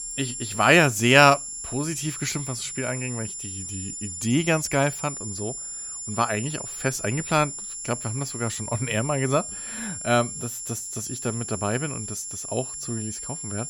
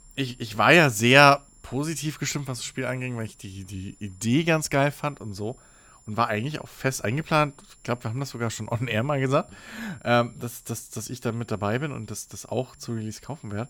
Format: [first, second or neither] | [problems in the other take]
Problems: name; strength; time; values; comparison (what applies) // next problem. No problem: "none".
second | high-pitched whine; loud; throughout; 7.5 kHz, 7 dB below the speech; faint in the second